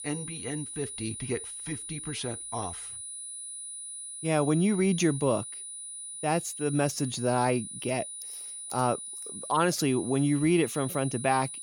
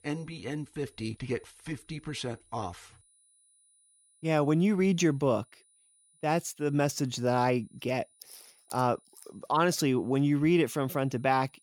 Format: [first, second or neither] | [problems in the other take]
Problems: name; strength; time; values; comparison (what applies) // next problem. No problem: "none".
second | high-pitched whine; loud; throughout; 9.5 kHz, 8 dB below the speech; faint in the second